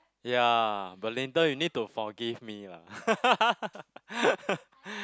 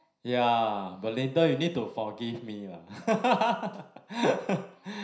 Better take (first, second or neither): first